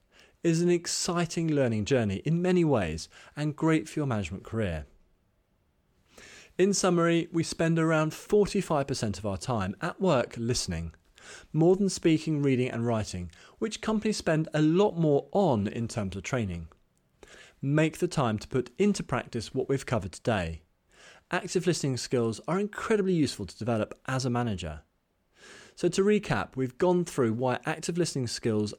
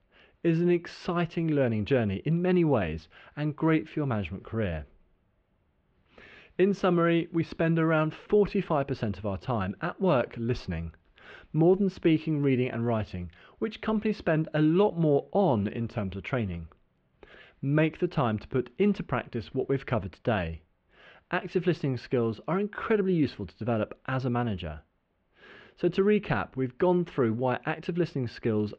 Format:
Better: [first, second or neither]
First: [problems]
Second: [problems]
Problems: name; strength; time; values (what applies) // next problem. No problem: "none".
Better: first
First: none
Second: muffled; very; fading above 3 kHz